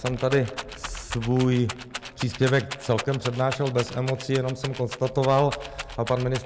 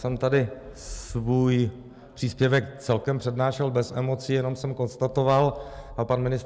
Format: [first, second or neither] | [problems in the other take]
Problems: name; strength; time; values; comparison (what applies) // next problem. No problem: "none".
second | background sound (Rattle); 12 dB below the speech